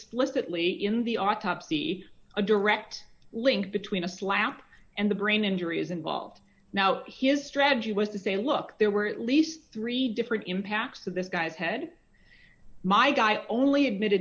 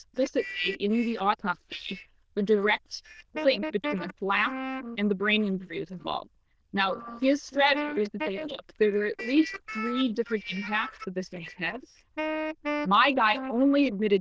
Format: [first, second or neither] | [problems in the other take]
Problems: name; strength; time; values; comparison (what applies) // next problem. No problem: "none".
first | noise reduction (neural diffusion model UNIVERSE++)